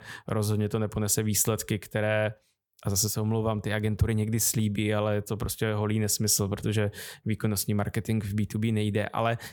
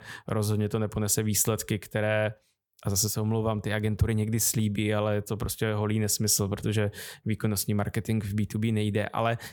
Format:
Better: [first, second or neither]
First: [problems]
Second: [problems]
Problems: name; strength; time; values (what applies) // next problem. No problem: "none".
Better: neither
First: none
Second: none